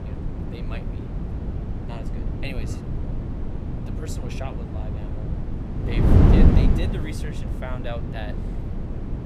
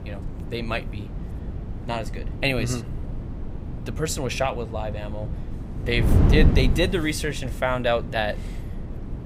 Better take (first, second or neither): second